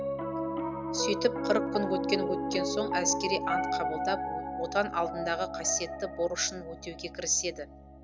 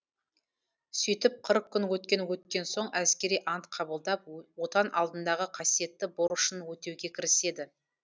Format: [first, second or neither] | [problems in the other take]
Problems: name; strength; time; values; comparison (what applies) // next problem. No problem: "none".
second | background sound (Piano); 1 dB below the speech